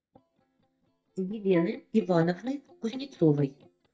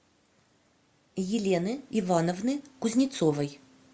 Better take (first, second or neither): second